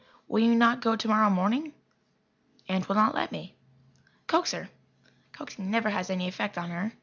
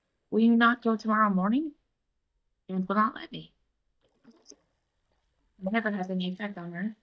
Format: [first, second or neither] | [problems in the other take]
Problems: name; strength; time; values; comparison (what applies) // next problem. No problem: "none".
first | noise reduction (neural mask model DeepFilterNet 3)